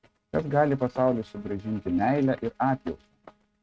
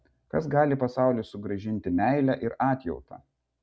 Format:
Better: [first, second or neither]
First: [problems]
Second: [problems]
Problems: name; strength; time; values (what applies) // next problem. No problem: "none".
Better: second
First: noise reduction (neural mask model RNNoise)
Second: none